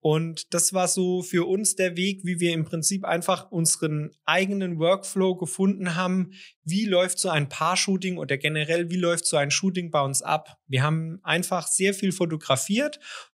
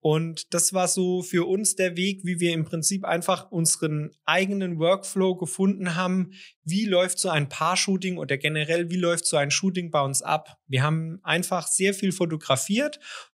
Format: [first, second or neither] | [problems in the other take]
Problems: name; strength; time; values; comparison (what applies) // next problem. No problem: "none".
neither | none